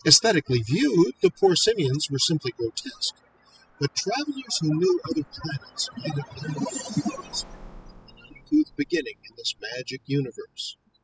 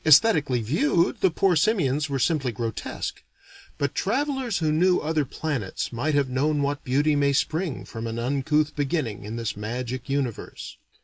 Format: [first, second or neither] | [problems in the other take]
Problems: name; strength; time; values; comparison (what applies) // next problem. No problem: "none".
second | noise reduction (classical method spectral subtraction)